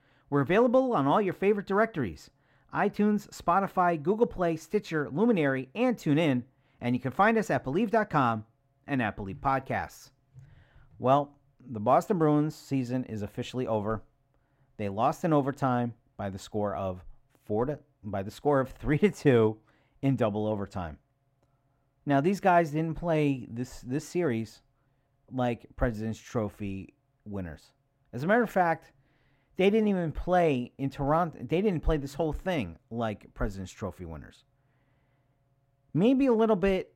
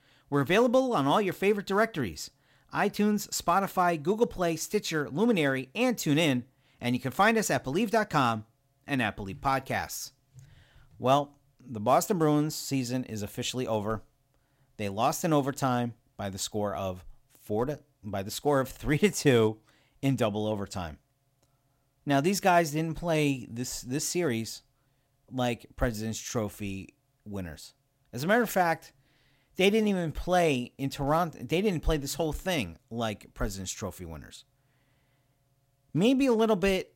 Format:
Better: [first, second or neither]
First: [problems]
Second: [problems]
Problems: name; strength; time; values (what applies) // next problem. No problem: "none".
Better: second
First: muffled; slightly; fading above 3 kHz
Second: none